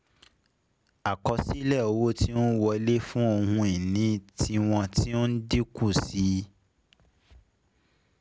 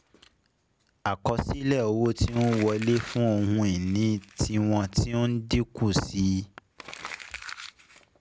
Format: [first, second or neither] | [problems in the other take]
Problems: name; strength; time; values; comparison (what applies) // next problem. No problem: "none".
first | background sound (Crumpling, crinkling); 19 dB below the speech